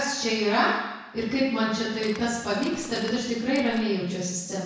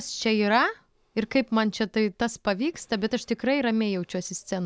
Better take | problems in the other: second | background sound (Walk, footsteps); 17 dB below the speech // room echo; dies away in 1 s

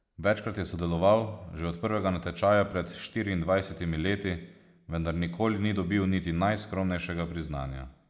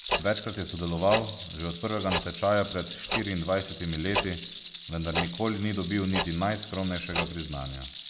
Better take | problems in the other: first | background sound (Tick-tock + Rattle); 5 dB below the speech

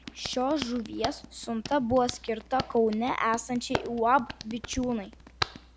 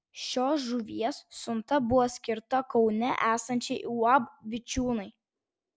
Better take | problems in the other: second | background sound (Hands); 11 dB below the speech

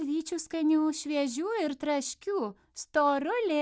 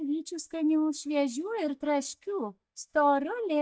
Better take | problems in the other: first | noise reduction (neural mask model DeepFilterNet 3)

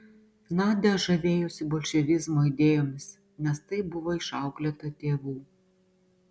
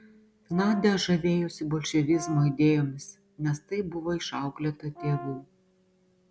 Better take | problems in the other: first | background sound (Brass instrument); 15 dB below the speech

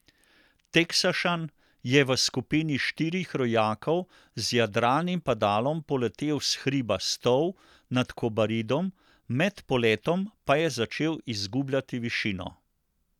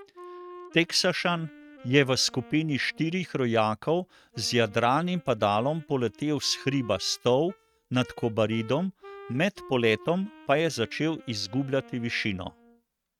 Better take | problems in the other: first | noise reduction (neural mask model RNNoise)

